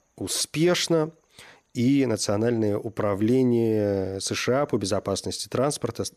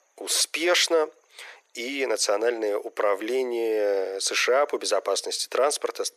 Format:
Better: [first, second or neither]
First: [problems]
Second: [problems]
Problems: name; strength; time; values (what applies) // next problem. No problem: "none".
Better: first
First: none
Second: thin; very; fading below 400 Hz